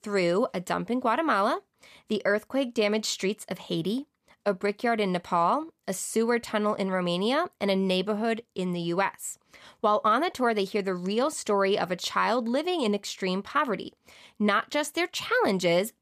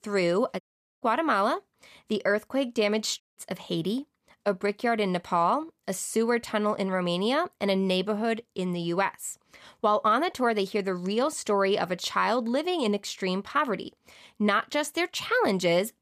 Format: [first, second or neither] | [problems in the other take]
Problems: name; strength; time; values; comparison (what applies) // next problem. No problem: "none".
first | audio cutting out; at 0.5 s and at 3 s